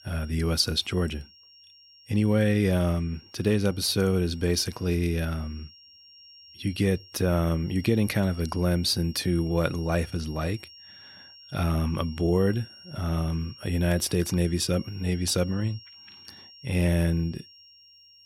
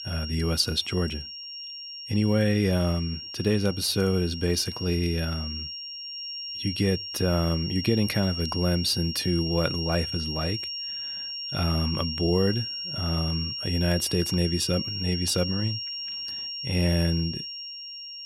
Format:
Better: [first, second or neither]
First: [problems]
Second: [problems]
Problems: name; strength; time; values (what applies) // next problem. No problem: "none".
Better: first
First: high-pitched whine; faint; throughout; 5.5 kHz, 20 dB below the speech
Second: high-pitched whine; loud; throughout; 5.5 kHz, 6 dB below the speech